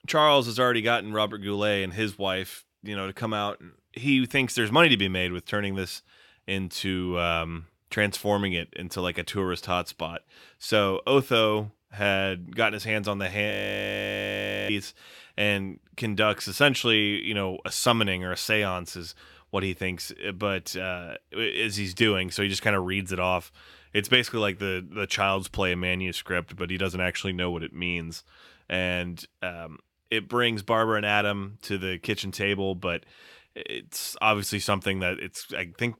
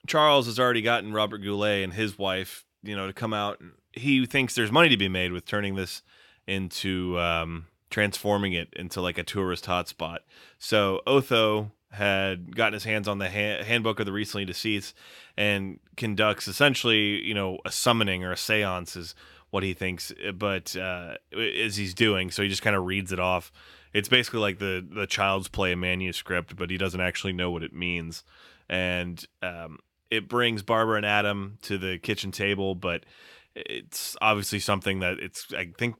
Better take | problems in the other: second | audio freezing; at 14 s for 1 s

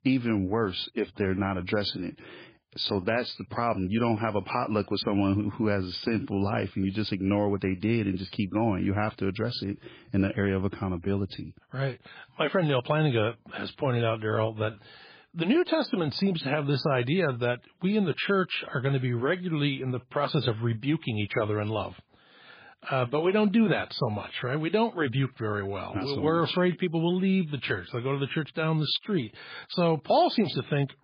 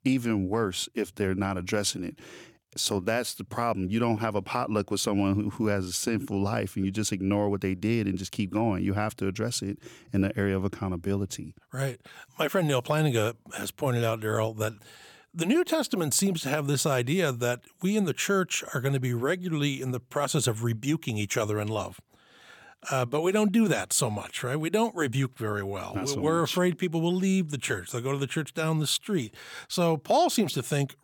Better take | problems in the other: second | garbled, watery; badly; nothing above 4.5 kHz

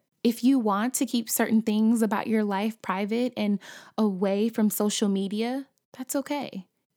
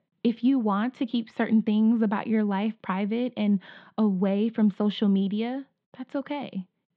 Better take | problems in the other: first | muffled; very; fading above 3.5 kHz

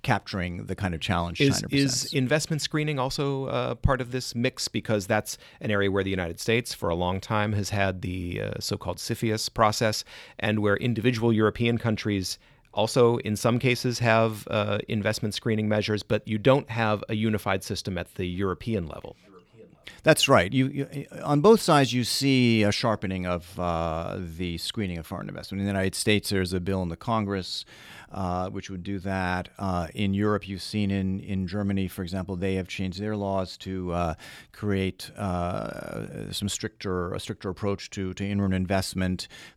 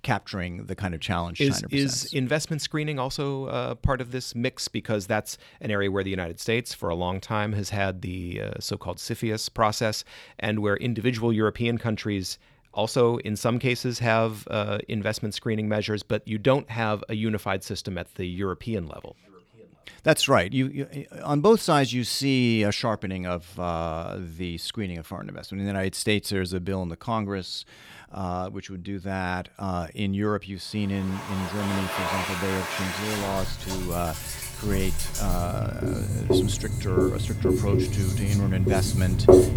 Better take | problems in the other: first | household noises; very loud; from 31 s on; 1 dB above the speech

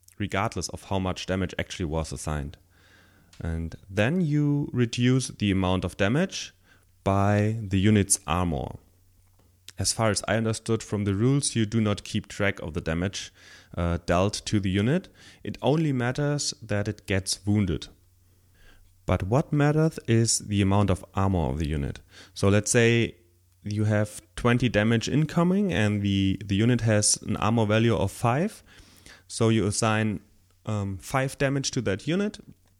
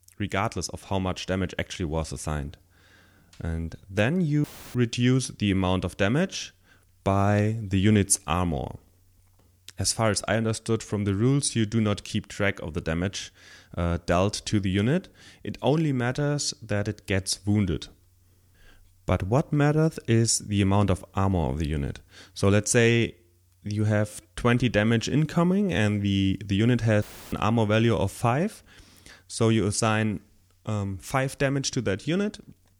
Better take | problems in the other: first | audio cutting out; filled with static; at 4.5 s and at 27 s

